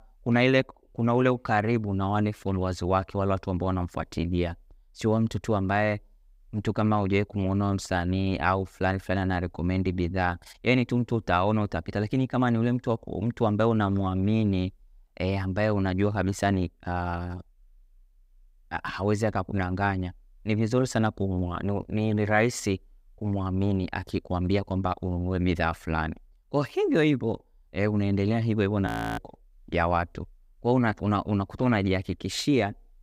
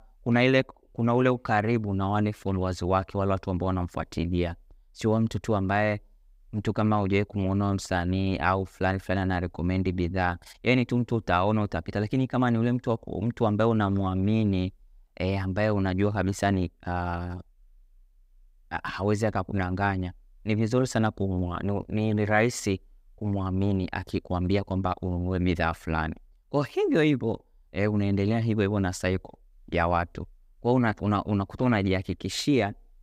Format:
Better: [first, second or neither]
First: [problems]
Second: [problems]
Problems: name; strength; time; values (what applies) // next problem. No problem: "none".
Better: second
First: audio freezing; at 29 s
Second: none